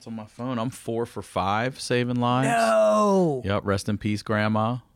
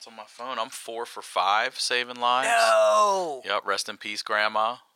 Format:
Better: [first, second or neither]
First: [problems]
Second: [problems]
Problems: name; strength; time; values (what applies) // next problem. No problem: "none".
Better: first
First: none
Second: thin; very; fading below 850 Hz